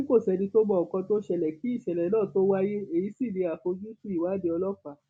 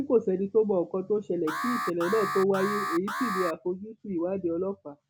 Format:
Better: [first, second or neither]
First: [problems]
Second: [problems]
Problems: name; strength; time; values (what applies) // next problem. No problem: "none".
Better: first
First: none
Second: background sound (Alarm); 6 dB below the speech